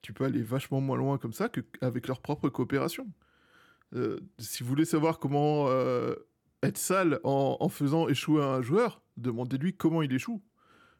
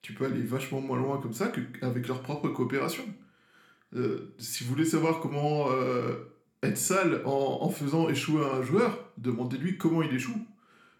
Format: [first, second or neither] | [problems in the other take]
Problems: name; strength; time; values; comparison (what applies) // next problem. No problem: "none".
first | room echo; very slight; dies away in 0.4 s